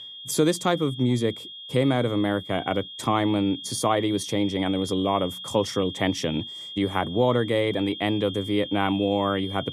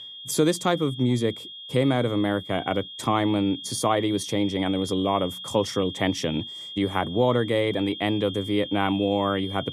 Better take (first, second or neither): neither